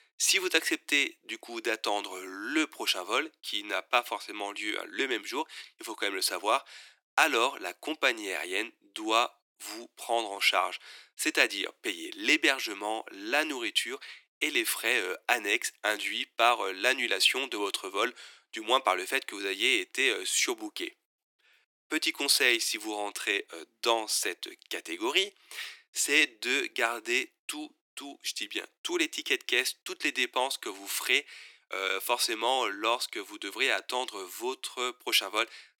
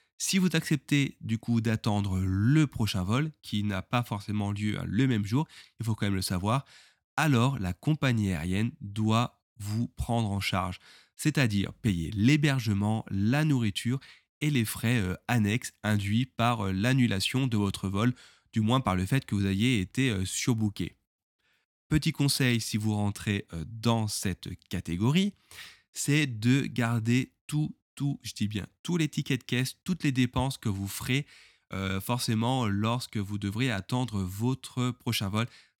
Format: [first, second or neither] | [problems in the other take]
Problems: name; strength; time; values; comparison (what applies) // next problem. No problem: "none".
second | thin; very; fading below 350 Hz